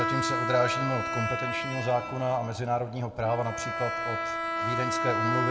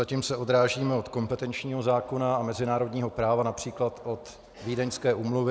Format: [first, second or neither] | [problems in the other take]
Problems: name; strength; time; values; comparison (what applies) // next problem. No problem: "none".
second | background sound (Bowed string instrument); 1 dB below the speech // room echo; dies away in 0.9 s